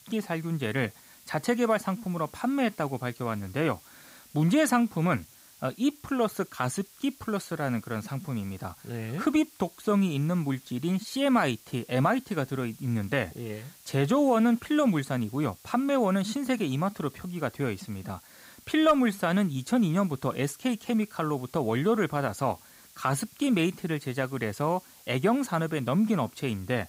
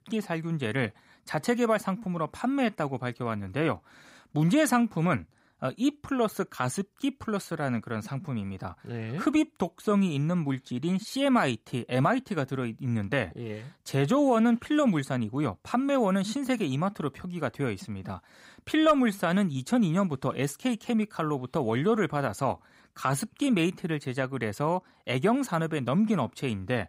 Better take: second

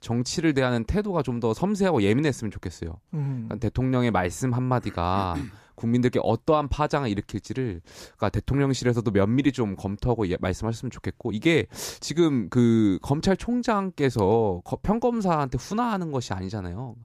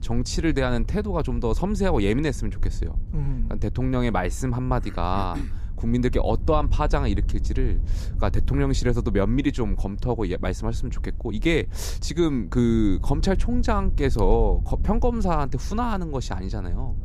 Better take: first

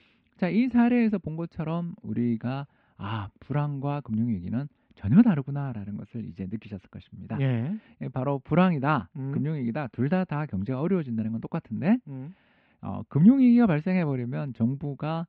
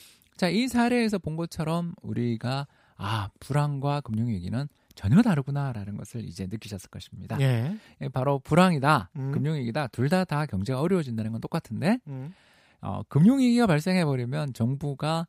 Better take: second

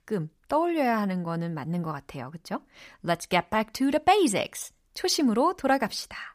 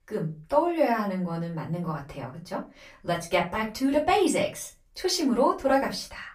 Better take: first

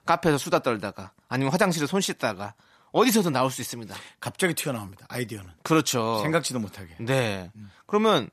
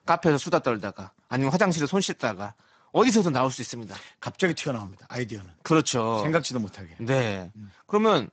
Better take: first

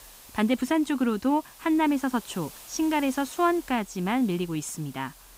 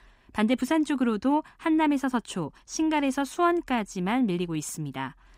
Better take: second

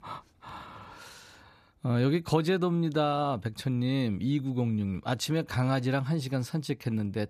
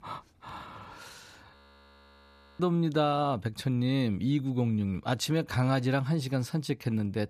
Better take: first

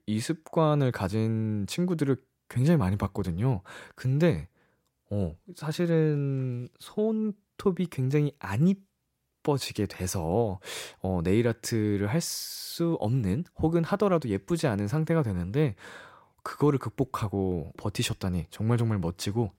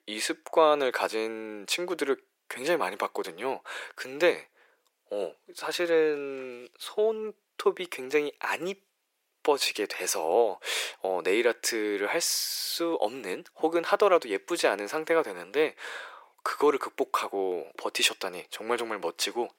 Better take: first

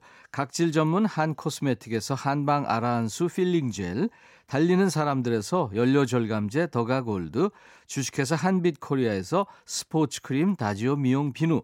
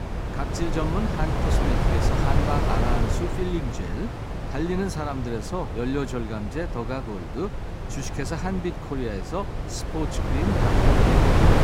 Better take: first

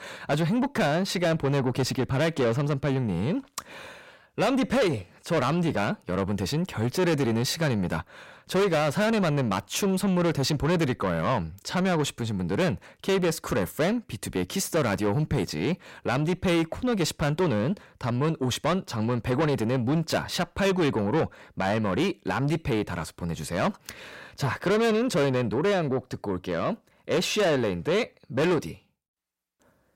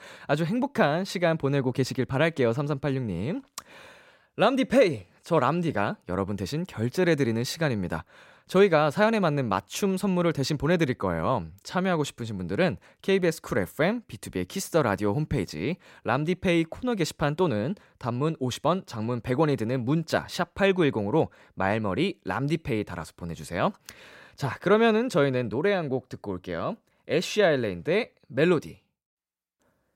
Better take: second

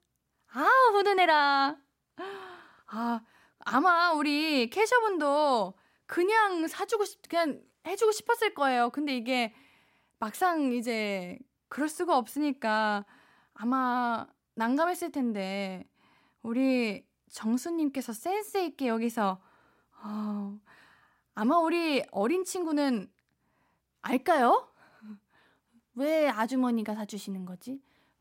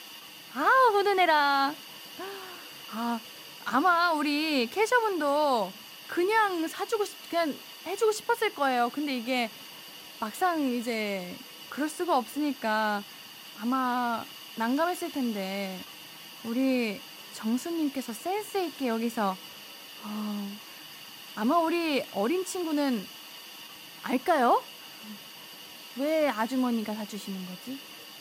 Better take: first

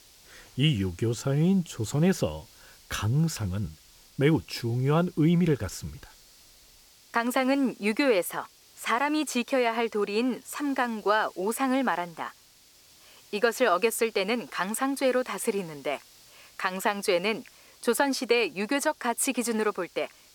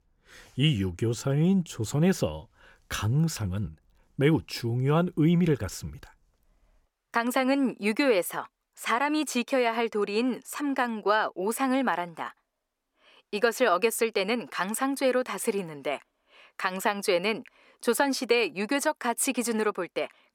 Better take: second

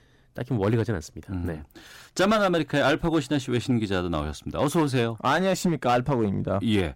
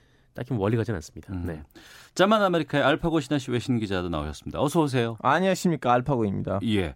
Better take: second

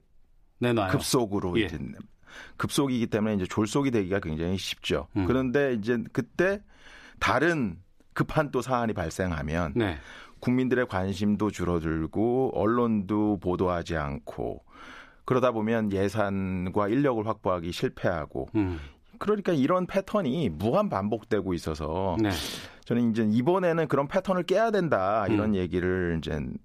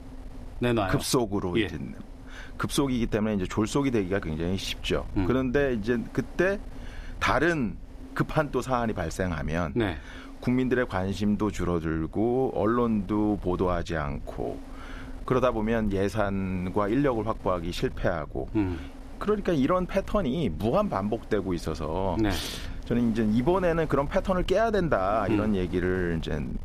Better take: first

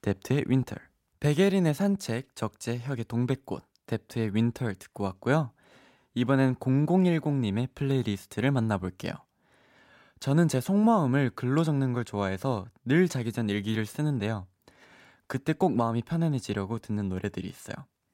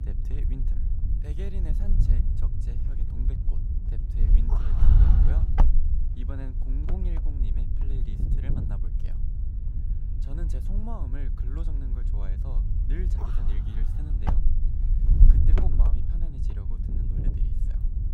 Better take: first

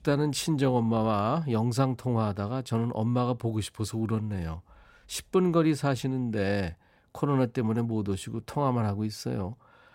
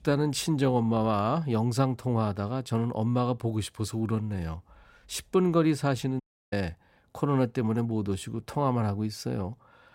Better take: first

